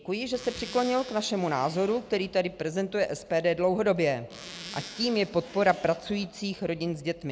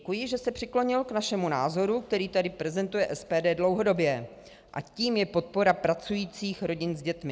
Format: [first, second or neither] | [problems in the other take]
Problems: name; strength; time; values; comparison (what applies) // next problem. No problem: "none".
second | background sound (Zipper (clothing)); 16 dB below the speech